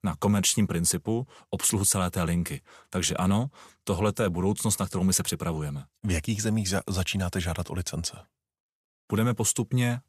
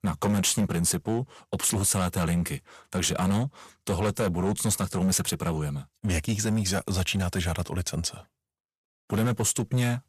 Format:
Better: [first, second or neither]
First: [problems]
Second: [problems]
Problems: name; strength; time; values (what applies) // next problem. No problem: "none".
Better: first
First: none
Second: distortion; slight; 9% of the sound clipped